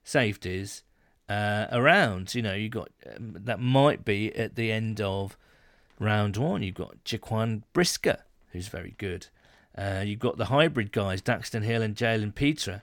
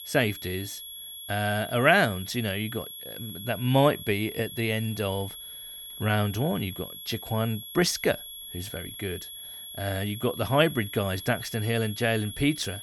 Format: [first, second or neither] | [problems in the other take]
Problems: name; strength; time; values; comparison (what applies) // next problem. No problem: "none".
first | high-pitched whine; noticeable; throughout; 3.5 kHz, 10 dB below the speech